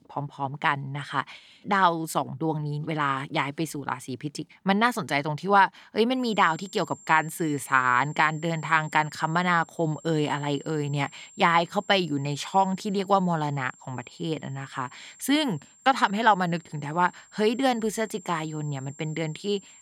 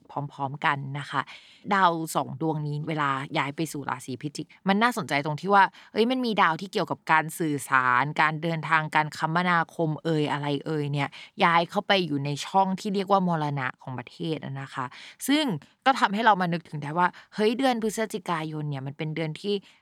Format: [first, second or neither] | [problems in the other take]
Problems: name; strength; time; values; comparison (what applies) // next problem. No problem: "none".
second | high-pitched whine; faint; from 6 s on; 7.5 kHz, 25 dB below the speech